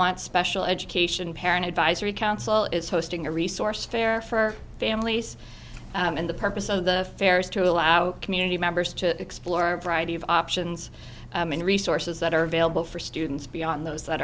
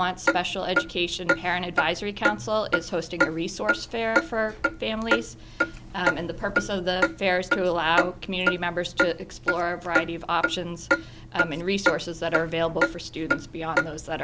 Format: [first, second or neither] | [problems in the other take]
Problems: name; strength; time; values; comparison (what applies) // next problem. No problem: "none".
first | background sound (Clock); 1 dB below the speech